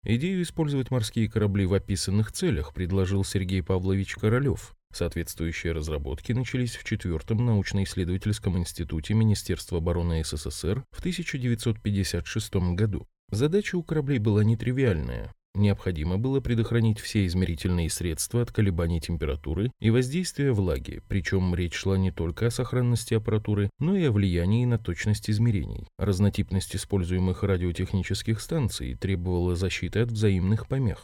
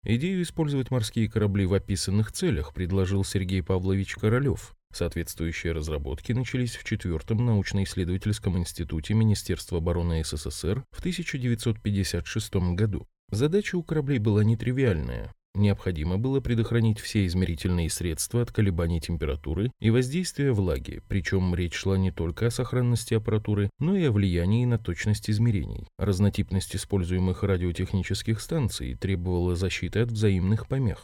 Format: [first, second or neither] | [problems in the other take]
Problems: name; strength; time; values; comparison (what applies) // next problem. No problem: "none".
neither | none